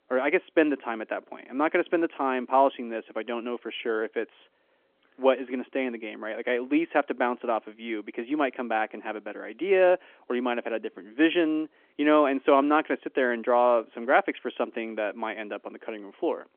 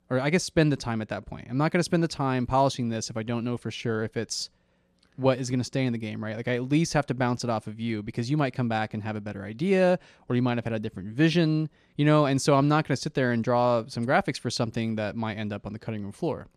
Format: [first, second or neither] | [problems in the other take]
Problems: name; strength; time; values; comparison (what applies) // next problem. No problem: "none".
second | phone-call audio; nothing above 3.5 kHz